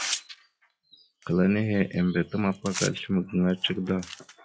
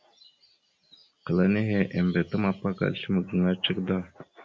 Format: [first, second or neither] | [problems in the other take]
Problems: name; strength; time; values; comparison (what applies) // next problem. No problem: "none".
second | noise reduction (classical method log-MMSE)